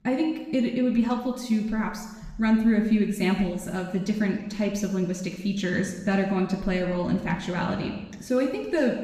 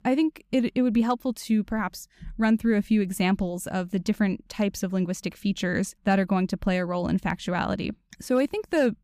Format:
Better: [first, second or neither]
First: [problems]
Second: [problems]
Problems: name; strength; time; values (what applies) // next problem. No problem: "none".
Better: second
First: room echo; noticeable; dies away in 1 s // off-mic speech; somewhat distant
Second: none